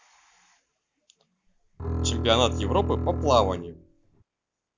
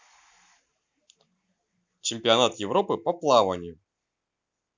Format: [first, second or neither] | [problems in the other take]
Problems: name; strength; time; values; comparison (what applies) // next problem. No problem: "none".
second | background sound (Bowed string instrument); 1 dB below the speech